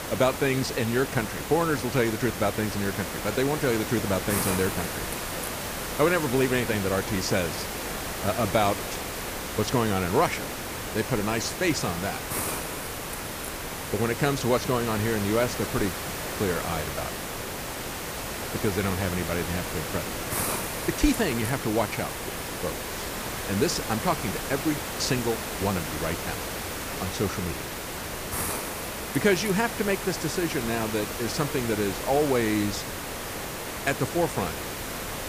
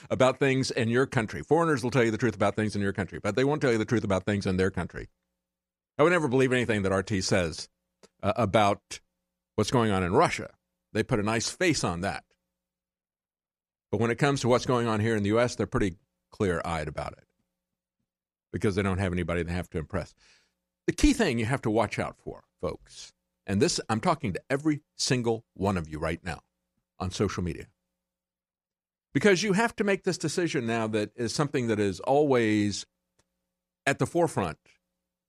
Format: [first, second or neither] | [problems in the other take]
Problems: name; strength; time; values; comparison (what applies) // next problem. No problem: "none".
second | hiss; loud; throughout; 4 dB below the speech